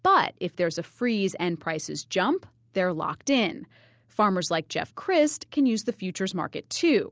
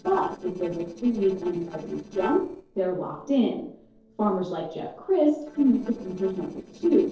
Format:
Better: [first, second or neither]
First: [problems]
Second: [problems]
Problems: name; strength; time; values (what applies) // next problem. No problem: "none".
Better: first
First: none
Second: noise reduction (neural separator model SepFormer DNS4)